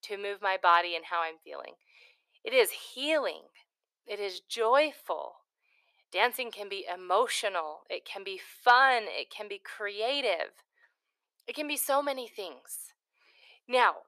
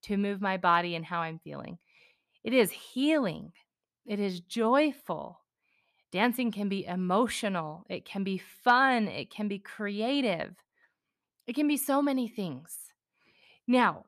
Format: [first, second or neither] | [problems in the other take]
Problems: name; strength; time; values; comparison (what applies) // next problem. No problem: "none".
second | thin; very; fading below 400 Hz